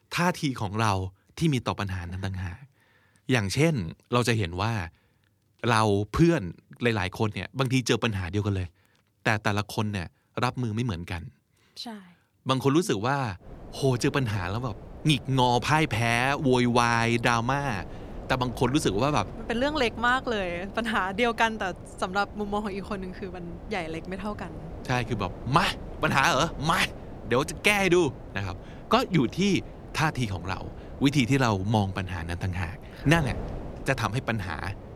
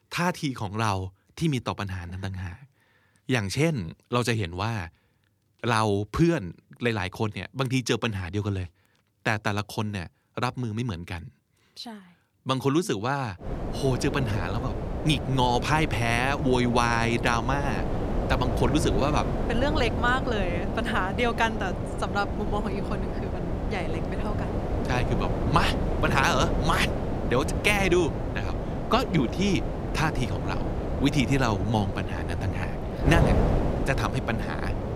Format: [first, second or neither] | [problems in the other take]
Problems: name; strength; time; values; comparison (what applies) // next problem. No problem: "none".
first | wind noise on the microphone; heavy; from 13 s on; 6 dB below the speech; occasional gusts in the first